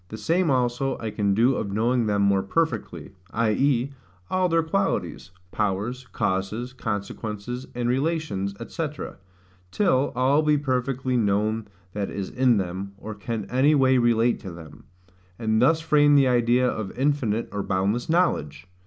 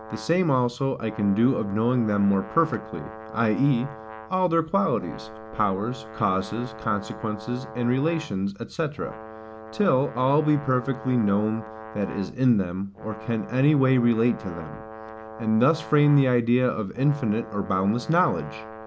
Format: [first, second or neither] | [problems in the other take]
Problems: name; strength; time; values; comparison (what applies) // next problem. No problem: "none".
first | background sound (Brass instrument); 16 dB below the speech